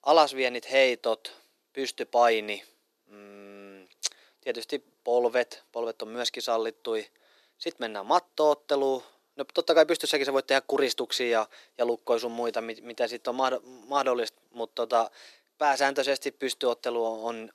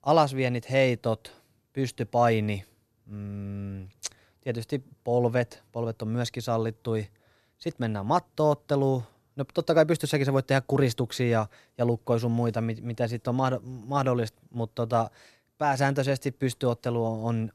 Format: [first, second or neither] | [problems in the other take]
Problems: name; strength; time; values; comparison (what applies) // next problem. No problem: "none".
second | thin; very; fading below 350 Hz